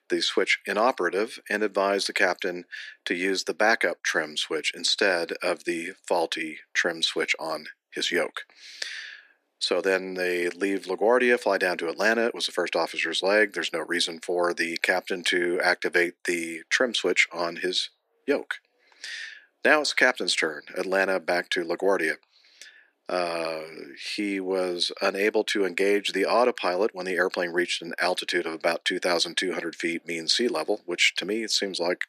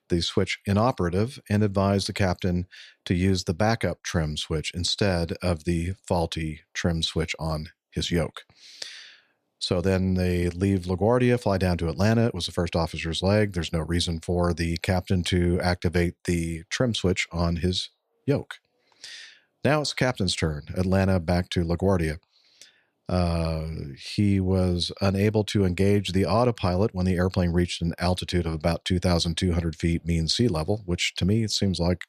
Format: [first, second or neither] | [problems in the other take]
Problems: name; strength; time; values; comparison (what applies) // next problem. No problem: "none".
second | thin; very; fading below 300 Hz